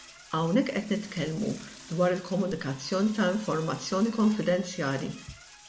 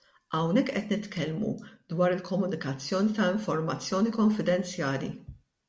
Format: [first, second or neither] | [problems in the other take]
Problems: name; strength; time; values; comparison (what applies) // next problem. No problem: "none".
second | background sound (Toilet flush / Door); 20 dB below the speech